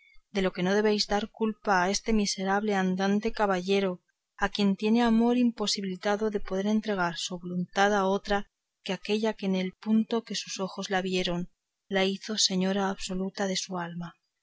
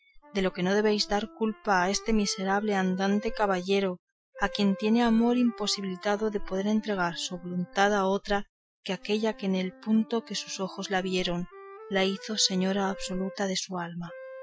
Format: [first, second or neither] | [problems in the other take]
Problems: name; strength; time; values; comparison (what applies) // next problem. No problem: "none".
first | noise reduction (classical method Wiener filter)